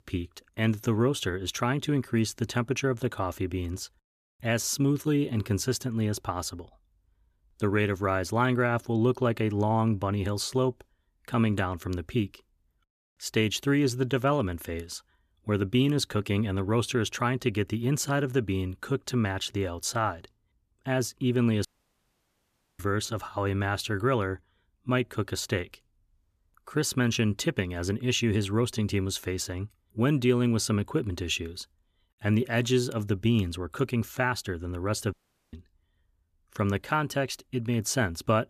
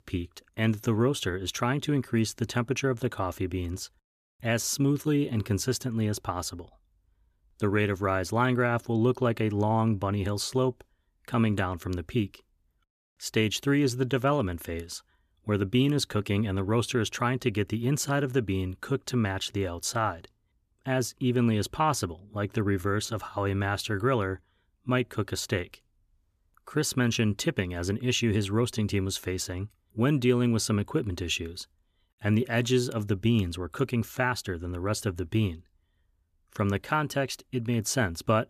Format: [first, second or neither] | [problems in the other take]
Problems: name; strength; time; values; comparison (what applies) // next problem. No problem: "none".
second | audio cutting out; at 22 s for 1 s and at 35 s